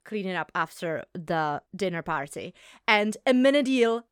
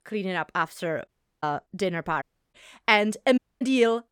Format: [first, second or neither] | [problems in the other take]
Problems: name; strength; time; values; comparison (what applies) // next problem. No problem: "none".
first | audio cutting out; at 1 s, at 2 s and at 3.5 s